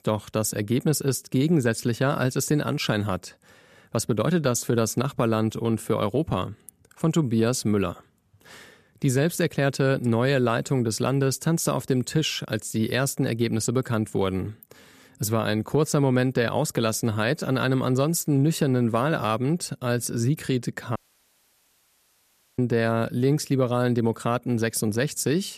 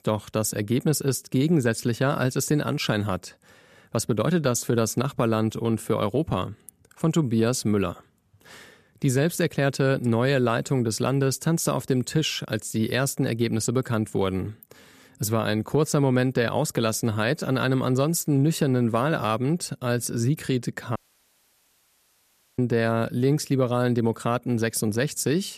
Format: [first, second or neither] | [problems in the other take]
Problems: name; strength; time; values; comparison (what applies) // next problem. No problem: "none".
neither | audio cutting out; at 21 s for 1.5 s; the same in both